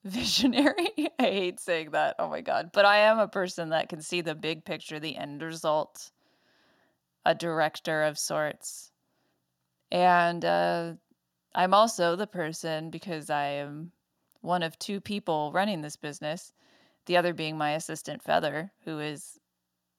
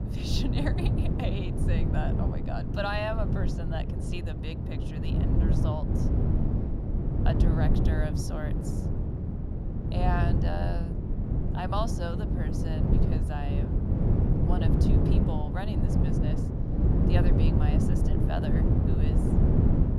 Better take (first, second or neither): first